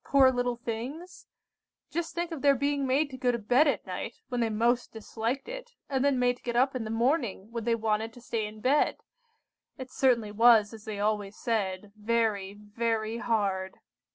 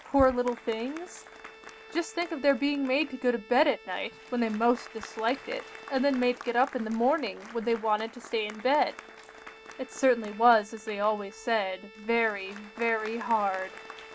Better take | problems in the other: first | background sound (Applause + Bowed string instrument); 18 dB below the speech

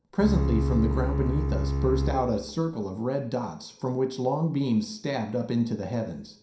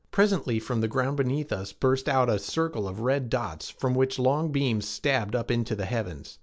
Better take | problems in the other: second | background sound (Bowed string instrument); 1 dB above the speech // room echo; dies away in 0.5 s

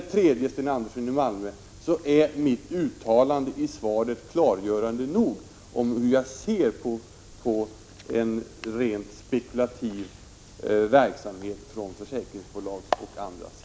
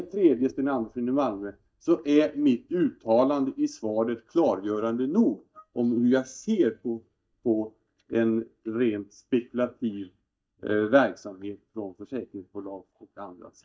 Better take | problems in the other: first | noise reduction (neural mask model DeepFilterNet 3)

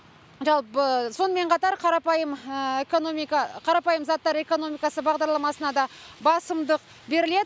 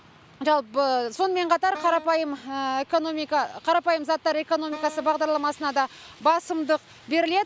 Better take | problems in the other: first | background sound (Wind instrument, woodwind instrument); 18 dB below the speech

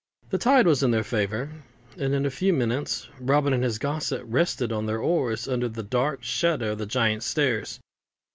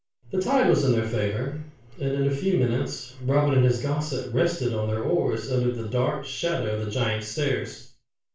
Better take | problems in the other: first | room echo; dies away in 0.4 s

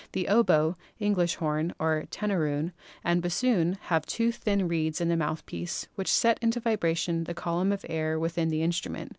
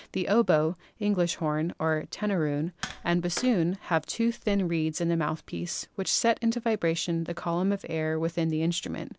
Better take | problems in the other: first | background sound (Tap); 16 dB below the speech

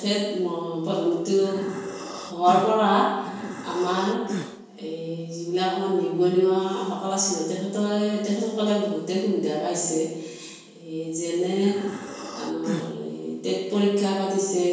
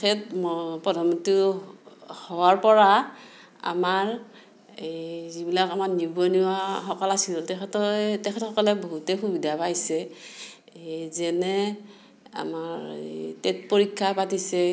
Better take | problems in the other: second | background sound (Breathing); 9 dB below the speech // room echo; dies away in 1 s

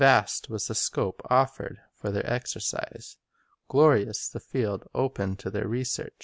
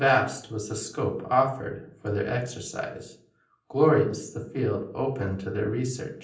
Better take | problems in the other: first | room echo; dies away in 0.6 s

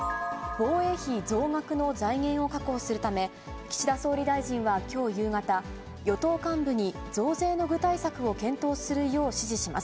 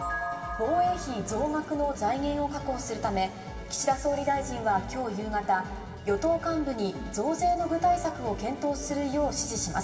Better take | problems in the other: first | room echo; dies away in 2.4 s

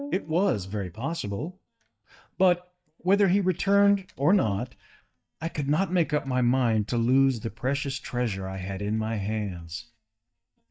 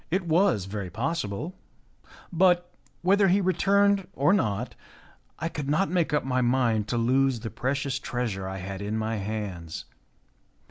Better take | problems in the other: second | noise reduction (neural mask model DeepFilterNet 3)

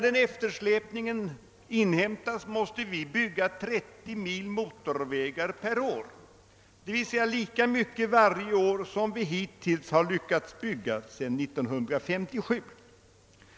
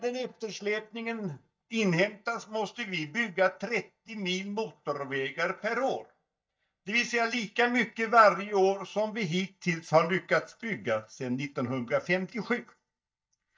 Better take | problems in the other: first | noise reduction (neural mask model DeepFilterNet 3)

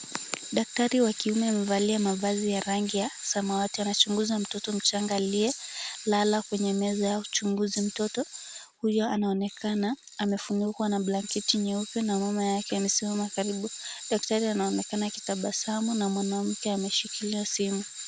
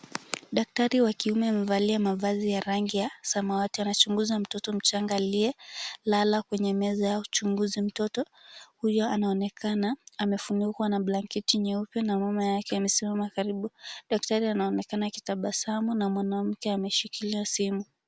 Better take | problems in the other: second | background sound (Tools + Rattle (instrument)); 12 dB below the speech

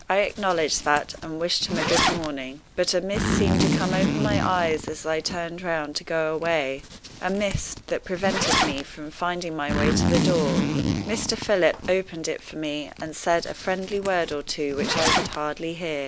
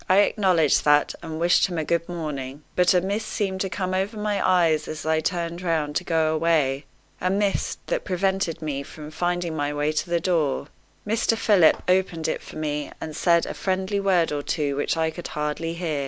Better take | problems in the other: second | background sound (Zipper (clothing)); 2 dB below the speech

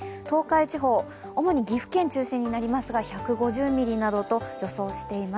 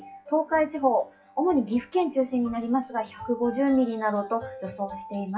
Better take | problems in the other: first | noise reduction (classical method WPE with log-MMSE)

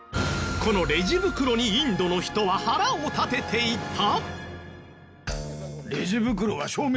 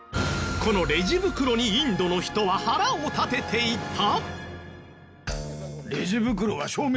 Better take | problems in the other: second | background sound (Wind instrument, woodwind instrument); 15 dB below the speech

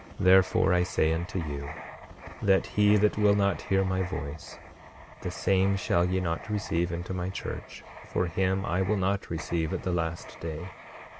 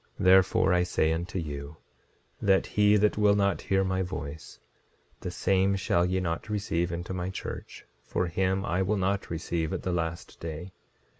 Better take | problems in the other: second | background sound (Writing); 17 dB below the speech

